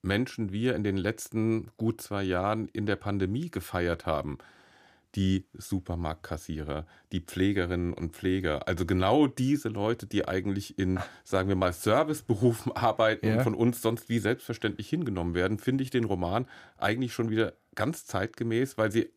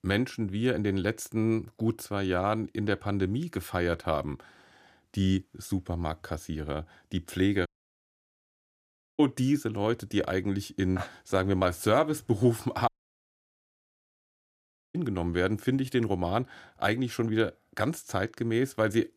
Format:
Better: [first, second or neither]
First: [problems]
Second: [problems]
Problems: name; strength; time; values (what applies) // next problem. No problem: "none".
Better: first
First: none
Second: audio cutting out; at 7.5 s for 1.5 s and at 13 s for 2 s